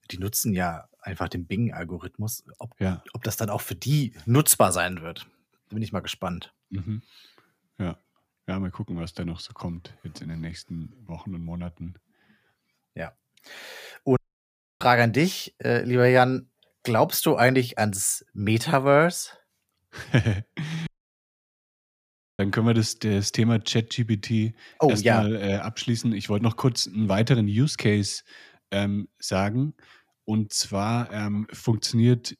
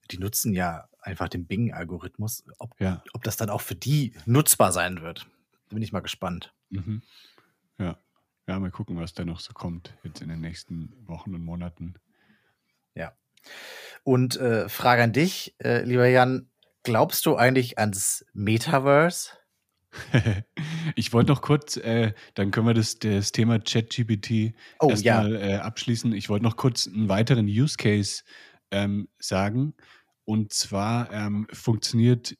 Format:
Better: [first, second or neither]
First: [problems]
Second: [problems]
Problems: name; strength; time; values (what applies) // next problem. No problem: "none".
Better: second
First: audio cutting out; at 14 s for 0.5 s and at 21 s for 1.5 s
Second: none